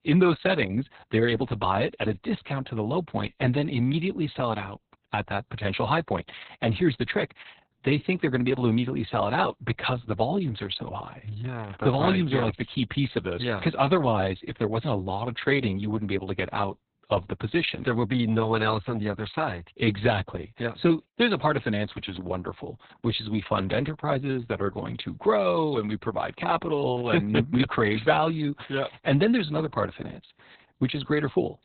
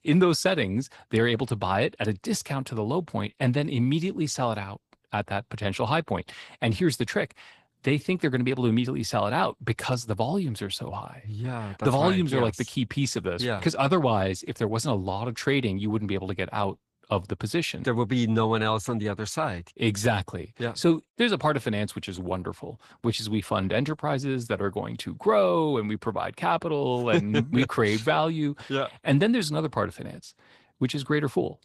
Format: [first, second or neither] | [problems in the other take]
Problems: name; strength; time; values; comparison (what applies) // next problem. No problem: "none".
second | garbled, watery; badly; nothing above 4 kHz; slightly in the second